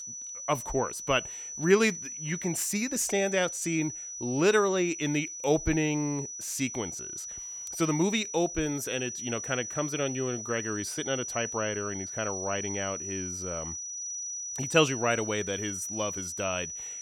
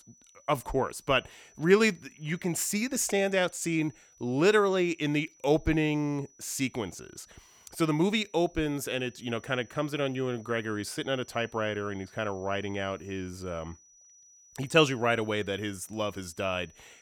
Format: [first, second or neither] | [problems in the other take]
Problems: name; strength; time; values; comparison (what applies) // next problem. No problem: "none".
second | high-pitched whine; loud; throughout; 6 kHz, 6 dB below the speech; faint in the second